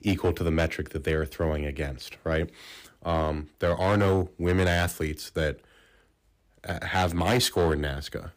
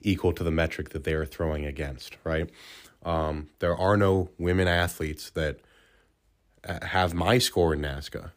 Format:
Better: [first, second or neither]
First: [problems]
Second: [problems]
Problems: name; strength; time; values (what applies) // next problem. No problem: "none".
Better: second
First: distortion; slight; 4% of the sound clipped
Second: none